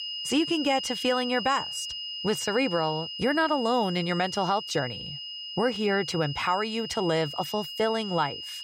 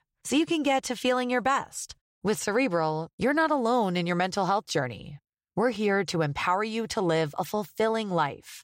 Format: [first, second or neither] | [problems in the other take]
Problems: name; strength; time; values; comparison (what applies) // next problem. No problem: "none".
second | high-pitched whine; loud; throughout; 3 kHz, 7 dB below the speech